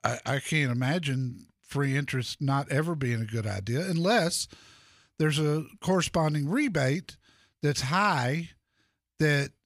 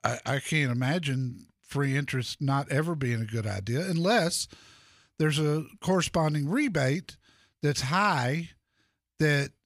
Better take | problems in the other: neither | none

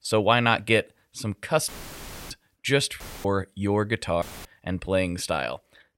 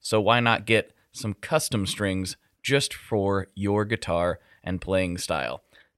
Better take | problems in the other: second | audio cutting out; filled with static; at 1.5 s for 0.5 s, at 3 s and at 4 s

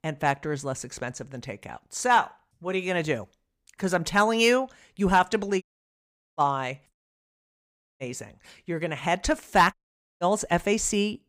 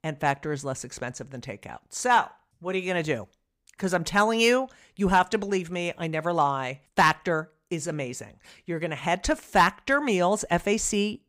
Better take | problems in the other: second | audio cutting out; at 5.5 s for 1 s, at 7 s for 1 s and at 9.5 s

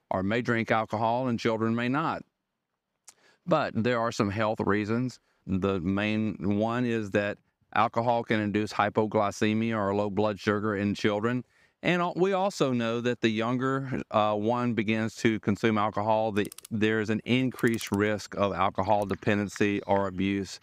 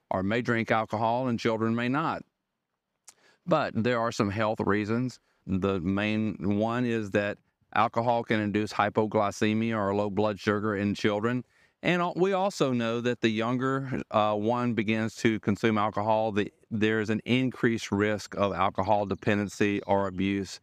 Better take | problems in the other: second | household noises; faint; from 16 s on; 20 dB below the speech

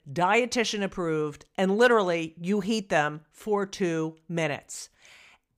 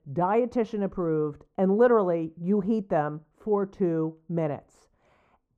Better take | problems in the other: first | muffled; very; fading above 1.5 kHz

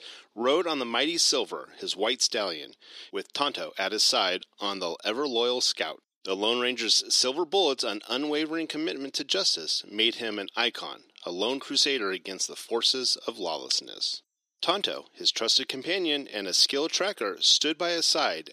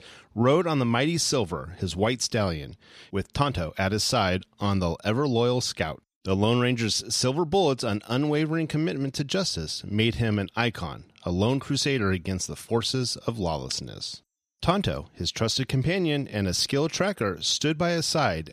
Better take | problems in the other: second | thin; somewhat; fading below 300 Hz

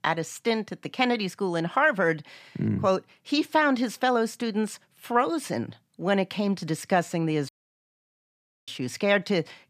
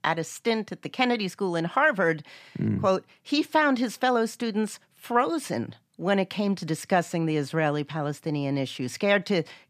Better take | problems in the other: second | audio cutting out; at 7.5 s for 1 s

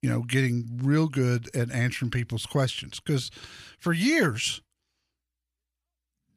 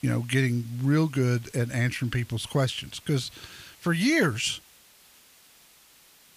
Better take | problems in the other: first | hiss; faint; throughout; 25 dB below the speech

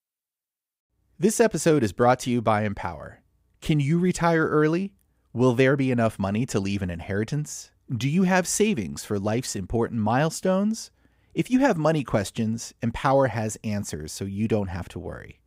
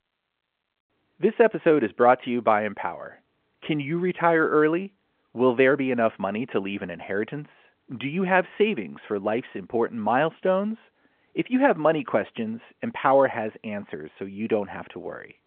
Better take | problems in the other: first | phone-call audio

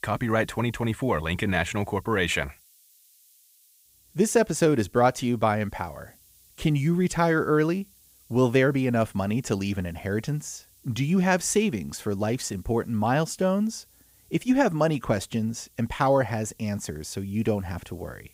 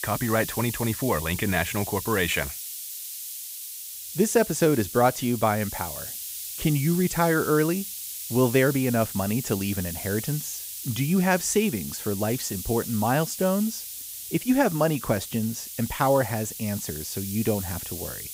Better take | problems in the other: first | hiss; loud; throughout; 8 dB below the speech; faint in the first

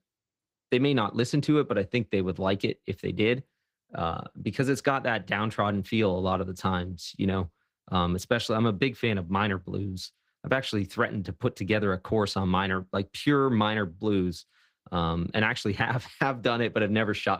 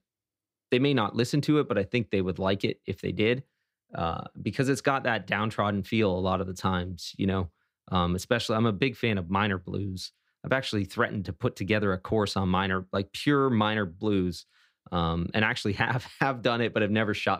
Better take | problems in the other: second | garbled, watery; slightly; nothing above 15.5 kHz

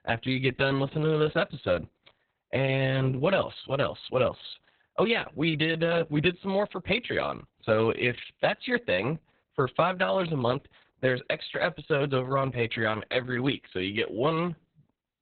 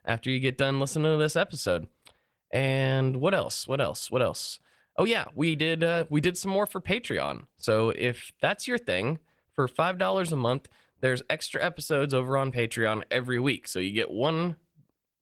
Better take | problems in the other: second | garbled, watery; badly; nothing above 4 kHz; slightly in the second

